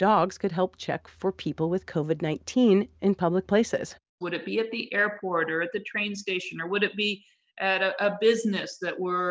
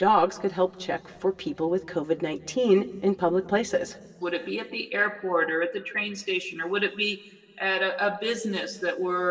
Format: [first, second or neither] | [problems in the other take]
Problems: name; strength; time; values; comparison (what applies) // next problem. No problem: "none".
first | room echo; dies away in 2.9 s